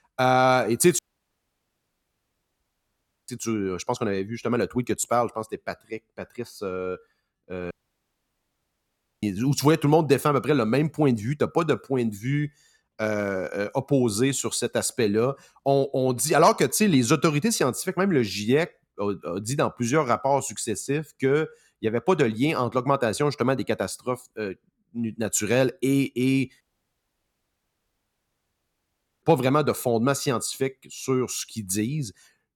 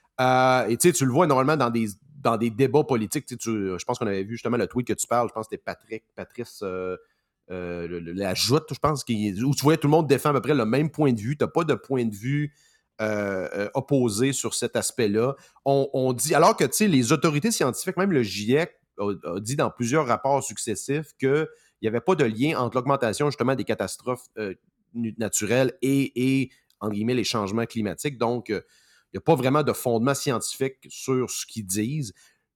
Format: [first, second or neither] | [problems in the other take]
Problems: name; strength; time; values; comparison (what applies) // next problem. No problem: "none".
second | audio cutting out; at 1 s for 2.5 s, at 7.5 s for 1.5 s and at 27 s for 2.5 s